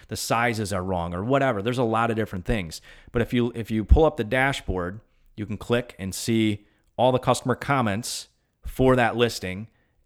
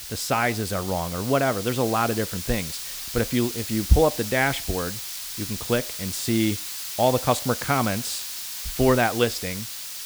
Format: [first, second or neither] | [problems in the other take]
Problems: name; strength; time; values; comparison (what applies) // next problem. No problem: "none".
first | hiss; loud; throughout; 6 dB below the speech